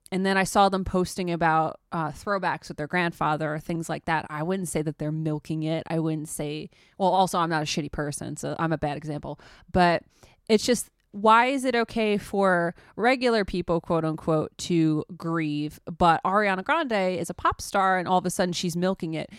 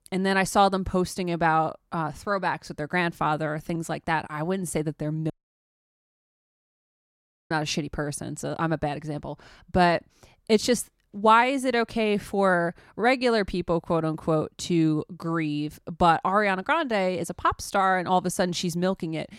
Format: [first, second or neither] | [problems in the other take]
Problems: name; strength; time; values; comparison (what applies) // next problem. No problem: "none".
first | audio cutting out; at 5.5 s for 2 s